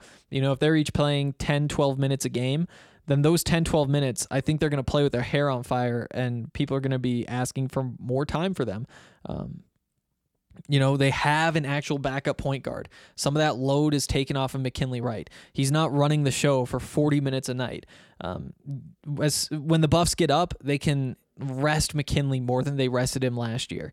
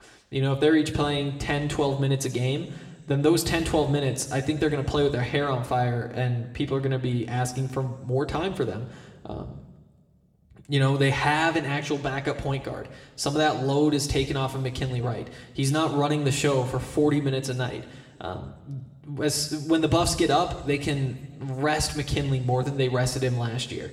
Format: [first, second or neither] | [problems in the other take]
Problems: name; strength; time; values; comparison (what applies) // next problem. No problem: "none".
first | room echo; very slight; dies away in 1.2 s